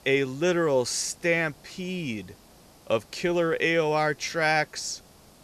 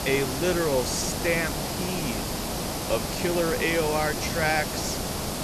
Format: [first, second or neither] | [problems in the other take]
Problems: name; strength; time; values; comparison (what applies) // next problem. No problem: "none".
first | hiss; loud; throughout; 2 dB below the speech; faint in the first